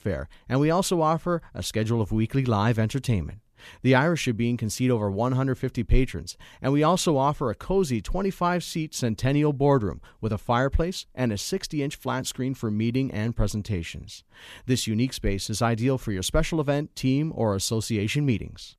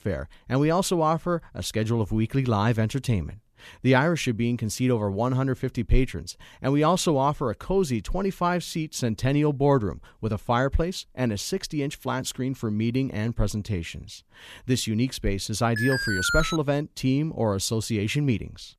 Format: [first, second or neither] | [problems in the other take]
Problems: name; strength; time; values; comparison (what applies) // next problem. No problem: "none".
first | alarm; noticeable; at 16 s; peak level with the speech